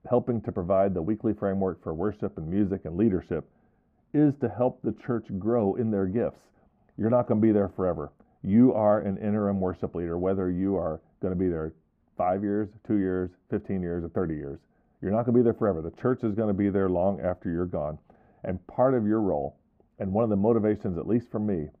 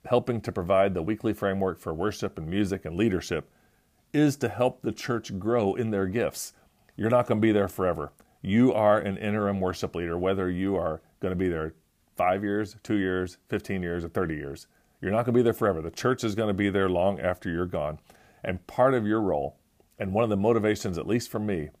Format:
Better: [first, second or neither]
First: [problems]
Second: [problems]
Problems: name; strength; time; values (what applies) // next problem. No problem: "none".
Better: second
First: muffled; very; fading above 2.5 kHz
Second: none